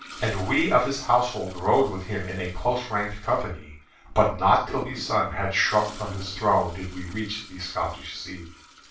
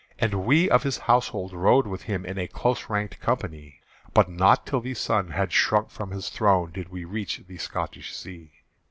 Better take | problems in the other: second | background sound (Toilet flush); 20 dB below the speech // room echo; dies away in 0.3 s

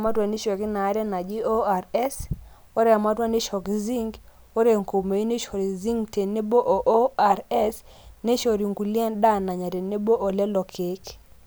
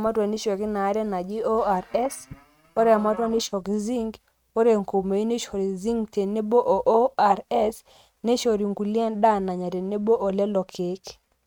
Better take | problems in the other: first | noise reduction (neural mask model RNNoise)

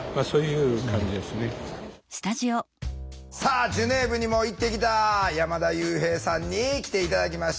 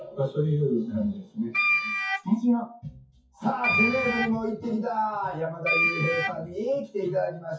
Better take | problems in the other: first | noise reduction (classical method WPE with log-MMSE)

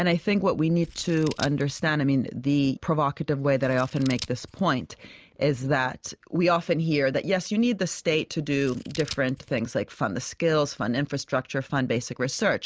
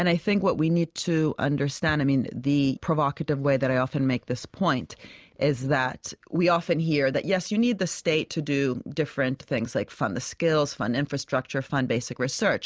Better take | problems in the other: second | noise reduction (neural mask model Resemble Enhance denoiser)

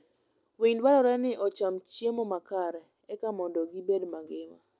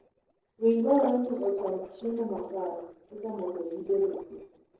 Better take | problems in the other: first | noise reduction (neural separator model SepFormer DNS4)

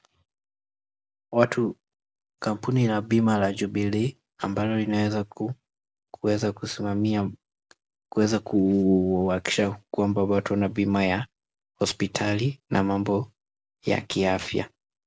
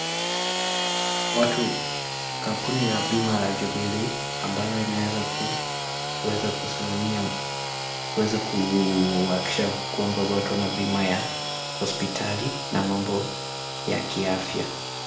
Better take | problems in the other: first | background sound (Sawing / Engine); 2 dB below the speech // room echo; dies away in 0.7 s

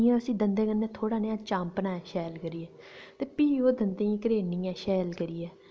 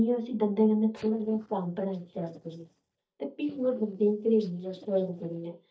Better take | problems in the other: first | noise reduction (neural mask model DeepFilterNet 3)

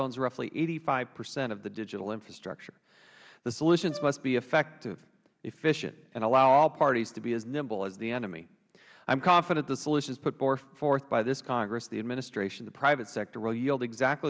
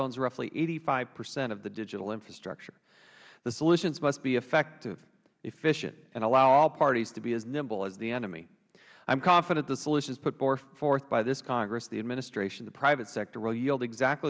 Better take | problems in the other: second | background sound (Brass instrument); 19 dB below the speech

